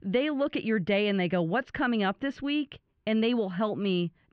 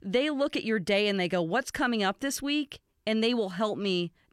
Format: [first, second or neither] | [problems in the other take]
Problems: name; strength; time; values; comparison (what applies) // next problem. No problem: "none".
second | muffled; slightly; fading above 3 kHz